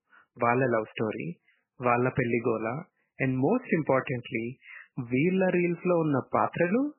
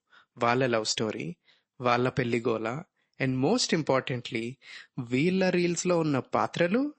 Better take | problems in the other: second | garbled, watery; badly; nothing above 2.5 kHz; slightly in the second

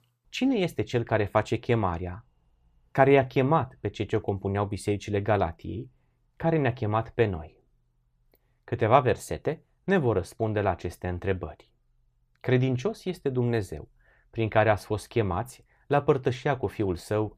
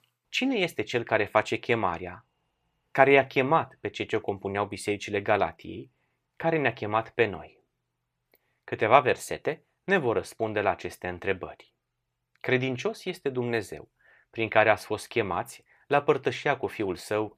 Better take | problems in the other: first | thin; very slightly; fading below 400 Hz

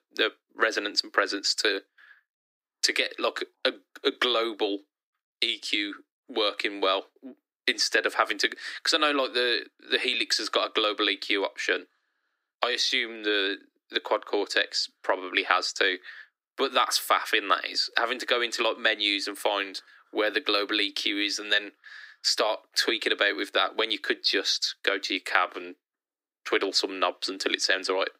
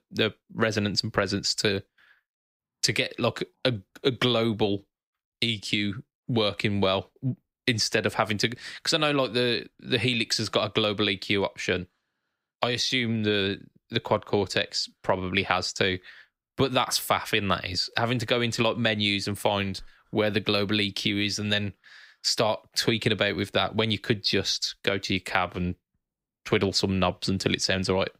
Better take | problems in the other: second | thin; somewhat; fading below 300 Hz

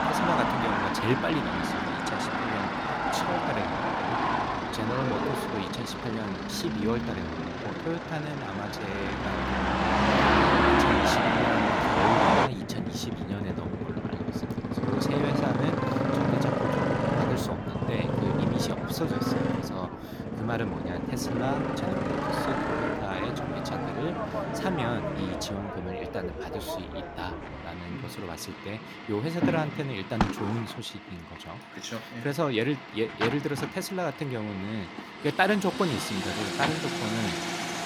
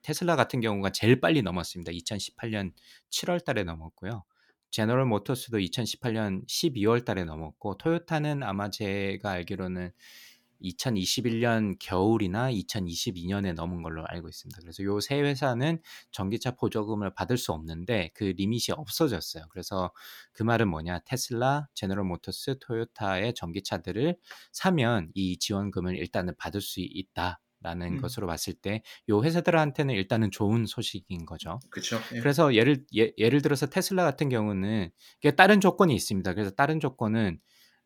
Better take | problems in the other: second | traffic noise; very loud; throughout; 5 dB above the speech

